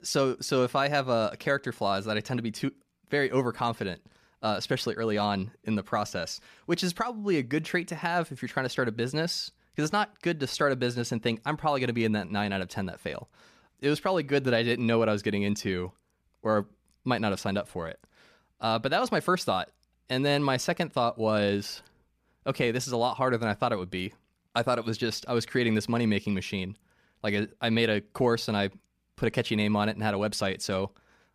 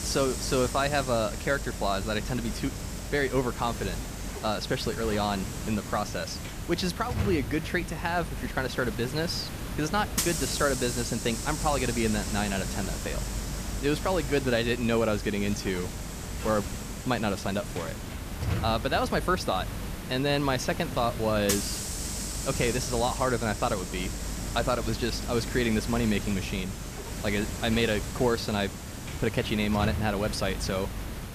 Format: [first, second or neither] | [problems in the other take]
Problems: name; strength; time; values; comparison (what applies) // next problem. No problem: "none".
first | hiss; loud; throughout; 5 dB below the speech